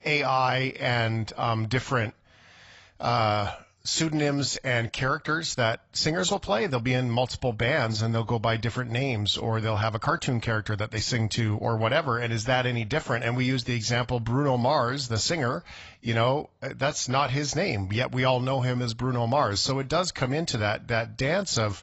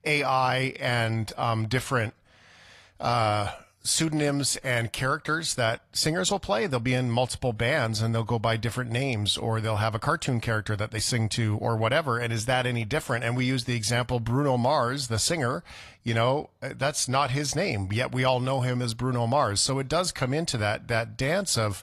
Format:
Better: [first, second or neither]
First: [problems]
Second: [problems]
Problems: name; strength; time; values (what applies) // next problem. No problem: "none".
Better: second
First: garbled, watery; badly; nothing above 7.5 kHz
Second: garbled, watery; slightly